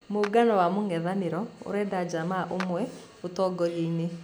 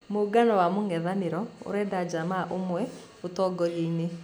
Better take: second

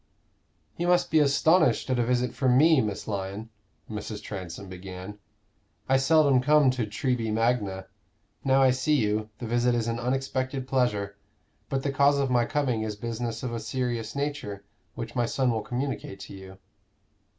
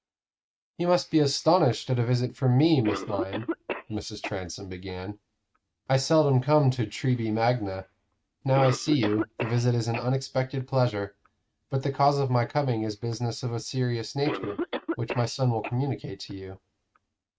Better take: first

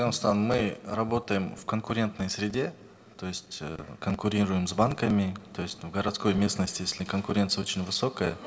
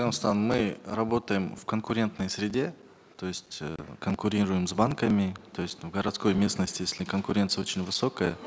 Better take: second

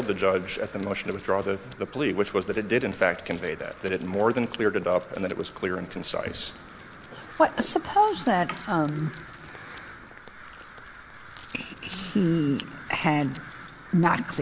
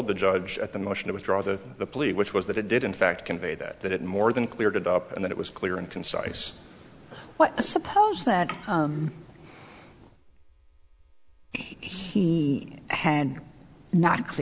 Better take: second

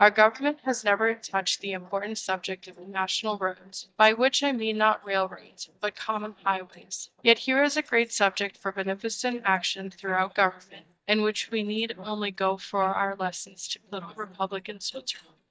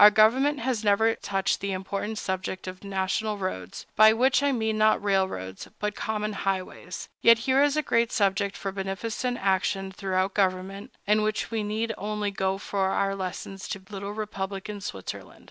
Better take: second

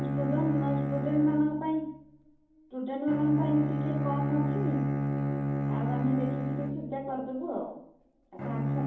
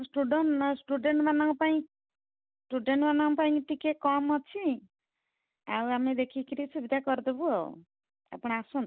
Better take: second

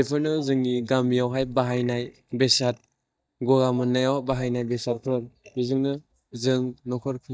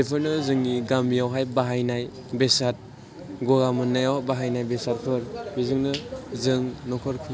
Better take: second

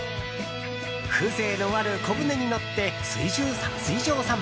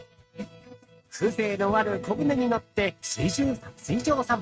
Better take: first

